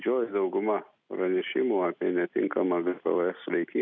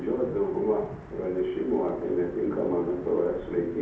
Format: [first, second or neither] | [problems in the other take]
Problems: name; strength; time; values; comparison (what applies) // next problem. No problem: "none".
first | background sound (Thunder / Wind / Rain); 15 dB below the speech // room echo; dies away in 0.8 s